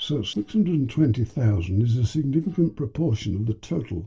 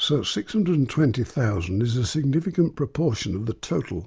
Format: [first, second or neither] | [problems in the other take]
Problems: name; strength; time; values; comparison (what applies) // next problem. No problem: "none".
second | noise reduction (neural separator model SepFormer DNS4)